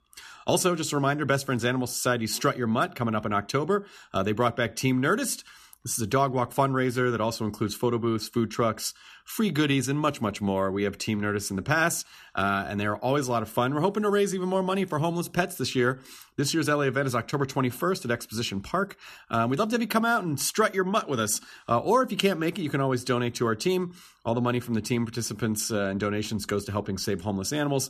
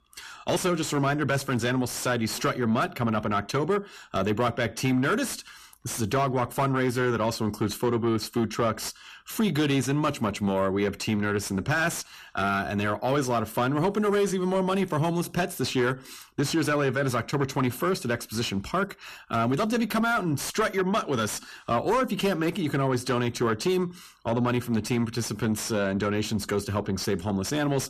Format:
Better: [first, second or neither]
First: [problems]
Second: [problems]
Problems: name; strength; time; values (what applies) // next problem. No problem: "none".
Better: first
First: none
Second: distortion; slight; 10 dB below the speech